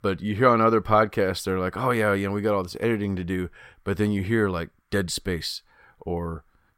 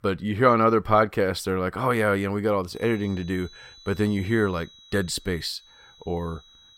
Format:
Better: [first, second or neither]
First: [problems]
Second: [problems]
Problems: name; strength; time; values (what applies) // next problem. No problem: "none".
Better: first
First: none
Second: high-pitched whine; faint; from 2.5 s on; 4 kHz, 25 dB below the speech